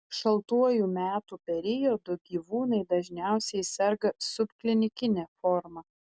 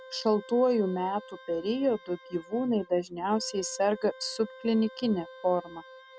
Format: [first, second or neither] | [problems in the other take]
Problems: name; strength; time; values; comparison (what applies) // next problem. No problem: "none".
first | background sound (Wind instrument, woodwind instrument); 19 dB below the speech